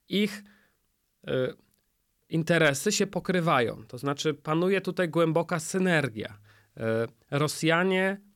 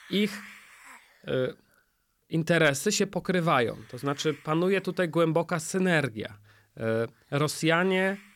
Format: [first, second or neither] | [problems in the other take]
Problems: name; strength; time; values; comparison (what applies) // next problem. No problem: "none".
first | hiss; faint; throughout; 25 dB below the speech